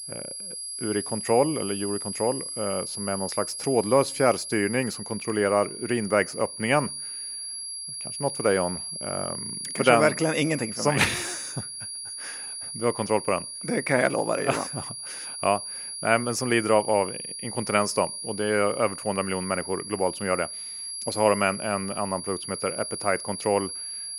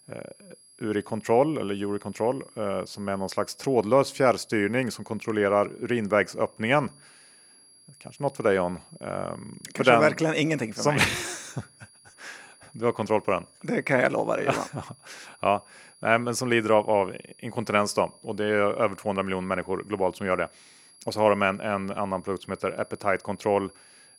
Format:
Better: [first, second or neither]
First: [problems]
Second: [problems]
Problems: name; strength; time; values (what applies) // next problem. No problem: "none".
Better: second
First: high-pitched whine; loud; throughout; 10.5 kHz, 7 dB below the speech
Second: high-pitched whine; faint; throughout; 10.5 kHz, 25 dB below the speech